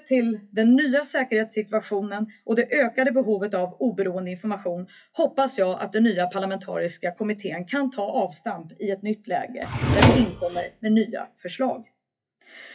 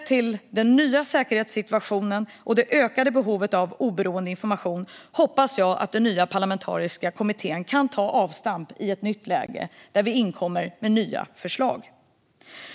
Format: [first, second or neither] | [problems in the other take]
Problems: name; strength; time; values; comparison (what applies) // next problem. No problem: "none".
second | noise reduction (classical method WPE with log-MMSE)